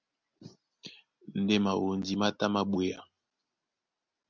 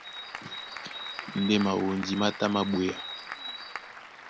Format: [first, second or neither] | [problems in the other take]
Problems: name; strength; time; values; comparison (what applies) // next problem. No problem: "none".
first | background sound (Bird + Applause / Crowd); 9 dB below the speech